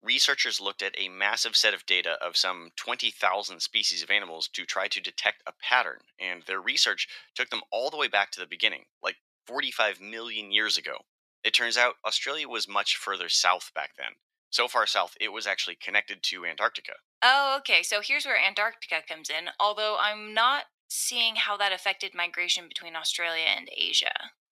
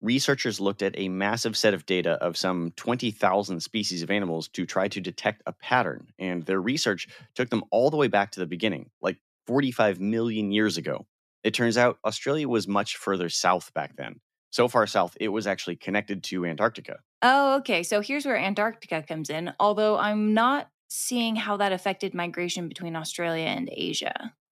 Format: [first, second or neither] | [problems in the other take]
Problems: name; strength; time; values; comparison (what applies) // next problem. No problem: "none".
second | thin; very; fading below 850 Hz